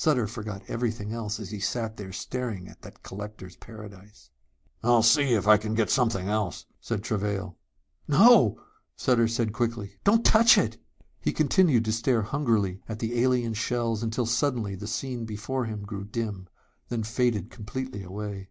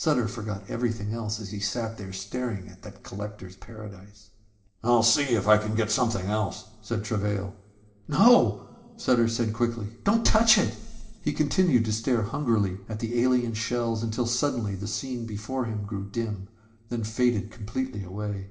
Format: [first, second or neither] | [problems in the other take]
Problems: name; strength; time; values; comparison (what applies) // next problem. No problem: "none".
first | room echo; dies away in 1.6 s